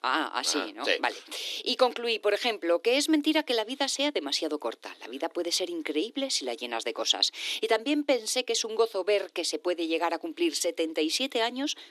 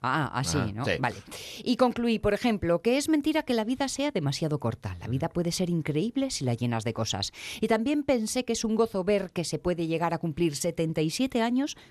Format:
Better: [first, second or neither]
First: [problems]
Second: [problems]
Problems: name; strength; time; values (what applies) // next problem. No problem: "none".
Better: second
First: thin; somewhat; fading below 300 Hz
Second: none